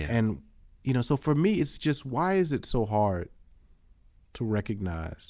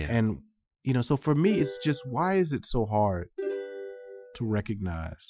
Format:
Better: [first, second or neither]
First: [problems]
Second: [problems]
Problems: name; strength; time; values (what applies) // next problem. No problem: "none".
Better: first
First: none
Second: noise reduction (classical method Wiener filter)